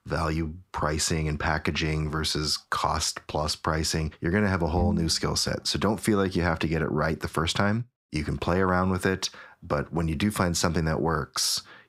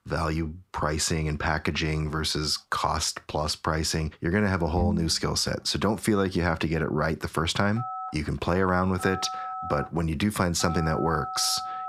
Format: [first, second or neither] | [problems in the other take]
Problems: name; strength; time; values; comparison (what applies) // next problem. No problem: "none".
first | phone ringing; noticeable; from 8 s on; peak 7 dB below the speech